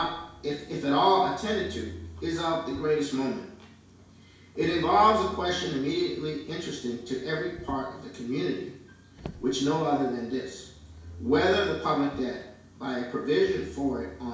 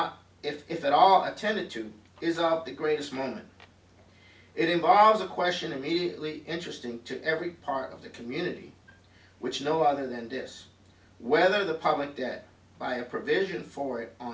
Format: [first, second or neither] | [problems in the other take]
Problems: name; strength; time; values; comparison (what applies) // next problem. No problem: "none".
second | background sound (Motor vehicle (road)); 19 dB below the speech // room echo; dies away in 0.7 s